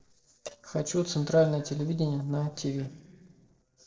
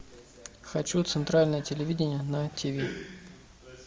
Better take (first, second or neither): second